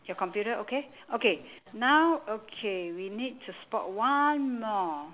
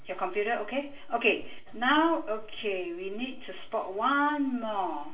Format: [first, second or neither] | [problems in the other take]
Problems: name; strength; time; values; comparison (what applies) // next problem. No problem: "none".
first | room echo; dies away in 0.3 s